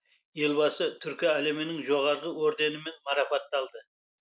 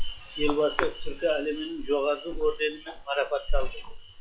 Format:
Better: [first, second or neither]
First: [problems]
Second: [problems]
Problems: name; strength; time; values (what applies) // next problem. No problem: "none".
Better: first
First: none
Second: noise reduction (classical method log-MMSE)